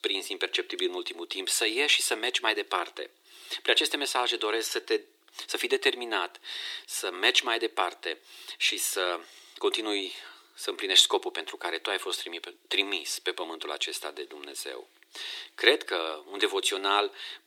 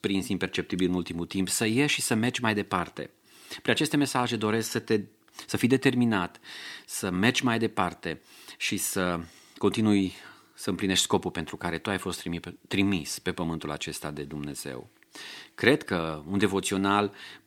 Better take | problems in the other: second | thin; very; fading below 350 Hz

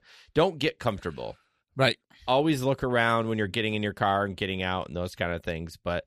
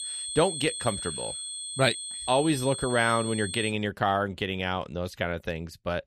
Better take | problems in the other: first | high-pitched whine; loud; until 3.5 s; 8.5 kHz, 6 dB below the speech

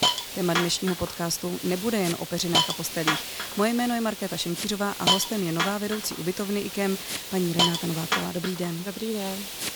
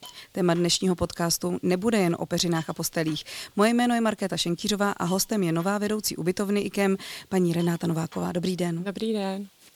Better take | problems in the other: second | hiss; loud; throughout; as loud as the speech; faint in the second

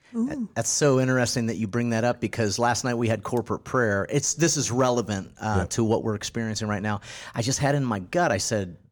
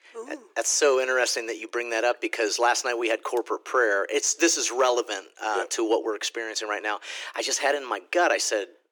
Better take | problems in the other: first | thin; very; fading below 300 Hz

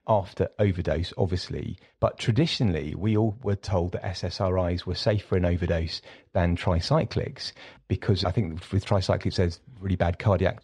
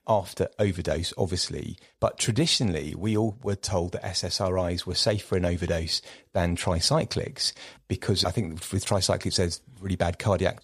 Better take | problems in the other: second | muffled; slightly; fading above 3 kHz

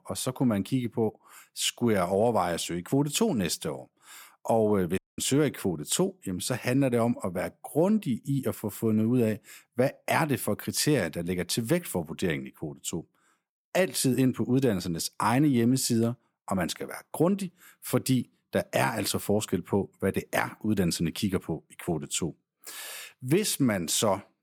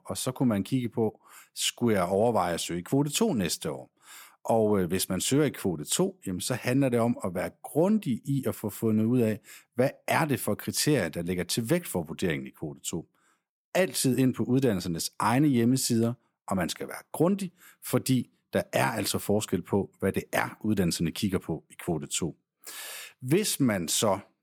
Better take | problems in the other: second | audio cutting out; at 5 s

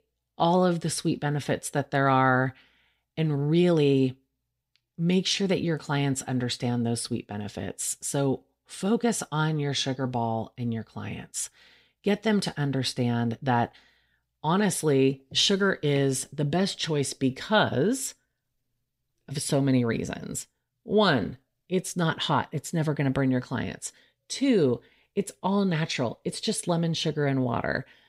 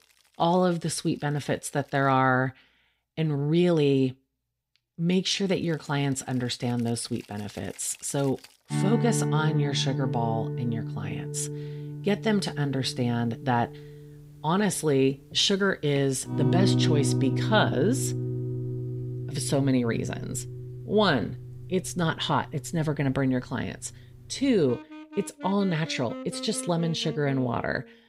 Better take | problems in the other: first | background music; loud; throughout; 5 dB below the speech

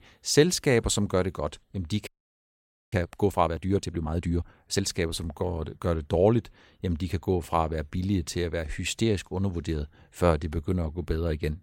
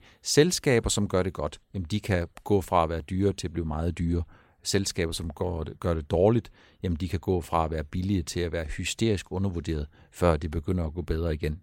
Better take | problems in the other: second | audio freezing; at 2 s for 1 s

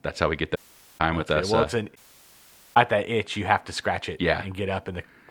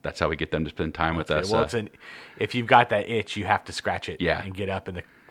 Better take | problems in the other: second | audio cutting out; at 0.5 s and at 2 s for 1 s

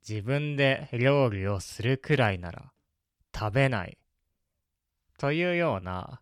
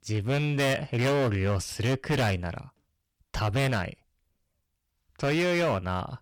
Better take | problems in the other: first | distortion; heavy; 14% of the sound clipped

